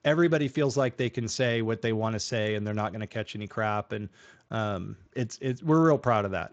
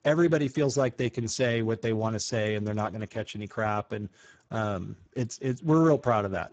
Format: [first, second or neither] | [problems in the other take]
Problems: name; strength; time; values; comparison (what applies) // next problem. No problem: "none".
first | garbled, watery; badly; nothing above 7.5 kHz; slightly in the first